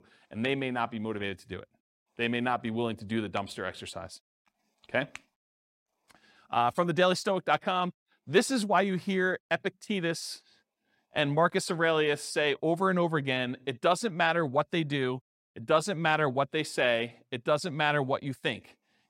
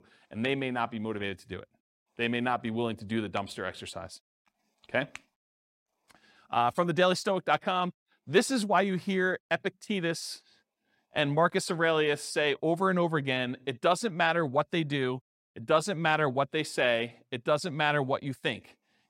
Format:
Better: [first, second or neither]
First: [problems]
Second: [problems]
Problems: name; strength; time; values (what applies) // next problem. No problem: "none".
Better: neither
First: none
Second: none